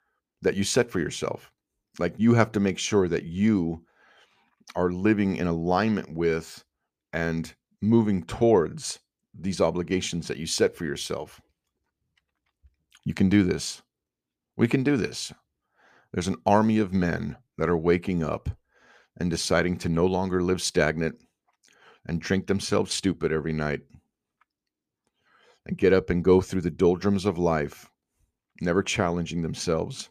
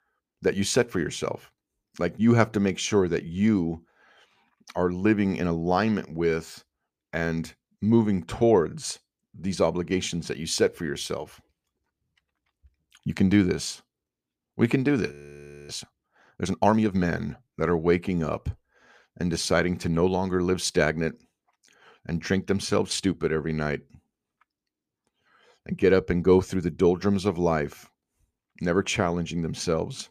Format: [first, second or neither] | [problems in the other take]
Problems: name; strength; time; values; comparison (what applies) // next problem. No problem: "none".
first | audio freezing; at 15 s for 0.5 s